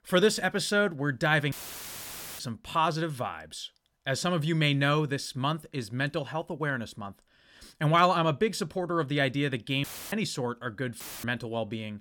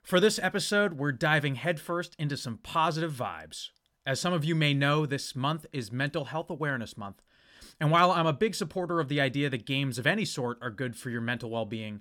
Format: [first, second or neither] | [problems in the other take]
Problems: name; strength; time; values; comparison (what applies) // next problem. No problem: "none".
second | audio cutting out; filled with static; at 1.5 s for 1 s, at 10 s and at 11 s